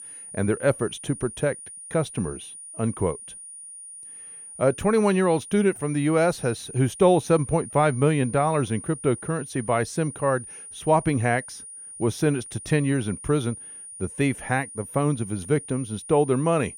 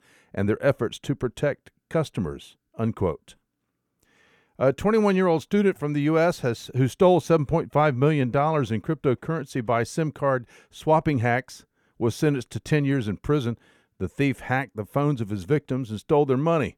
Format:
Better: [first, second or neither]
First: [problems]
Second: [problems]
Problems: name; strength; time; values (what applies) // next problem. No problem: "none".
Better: second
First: high-pitched whine; noticeable; throughout; 9.5 kHz, 15 dB below the speech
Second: none